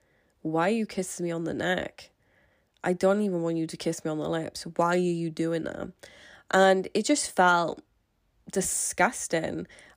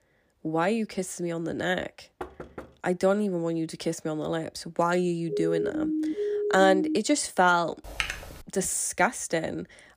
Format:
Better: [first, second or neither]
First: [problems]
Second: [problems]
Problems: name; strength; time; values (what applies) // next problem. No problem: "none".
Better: first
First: none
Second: door banging; faint; at 2 s; peak 15 dB below the speech // siren; noticeable; from 5.5 to 7 s; peak 1 dB below the speech // keyboard typing; noticeable; at 8 s; peak 4 dB below the speech